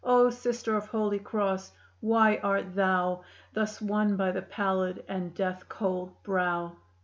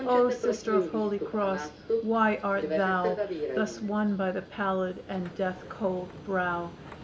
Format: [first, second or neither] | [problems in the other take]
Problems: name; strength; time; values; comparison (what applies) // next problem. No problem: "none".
first | background sound (Subway, metro, underground); 5 dB below the speech